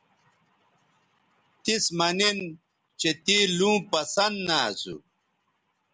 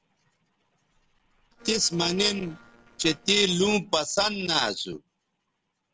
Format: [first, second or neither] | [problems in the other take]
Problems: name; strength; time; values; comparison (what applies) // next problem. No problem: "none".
first | noise reduction (neural separator model SepFormer DNS4)